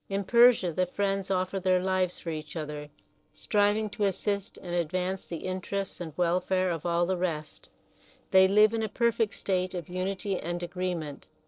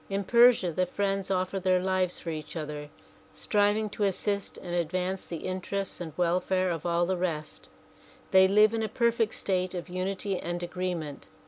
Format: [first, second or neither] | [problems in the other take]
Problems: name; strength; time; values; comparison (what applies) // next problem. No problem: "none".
second | noise reduction (neural separator model SepFormer DNS4)